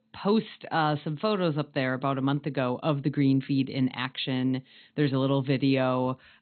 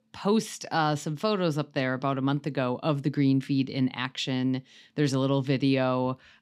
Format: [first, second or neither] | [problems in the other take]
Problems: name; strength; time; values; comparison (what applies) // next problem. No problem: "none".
second | garbled, watery; badly; nothing above 4 kHz